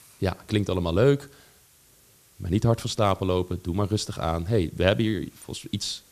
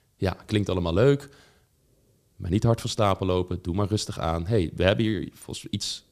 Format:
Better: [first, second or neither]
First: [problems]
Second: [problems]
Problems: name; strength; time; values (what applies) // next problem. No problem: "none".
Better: second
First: hiss; faint; throughout; 30 dB below the speech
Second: none